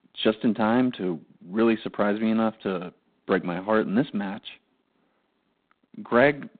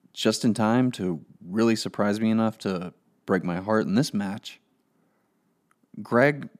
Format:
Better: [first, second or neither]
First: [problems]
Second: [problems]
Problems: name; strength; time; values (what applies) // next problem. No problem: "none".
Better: second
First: phone-call audio; poor line; nothing above 3.5 kHz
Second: none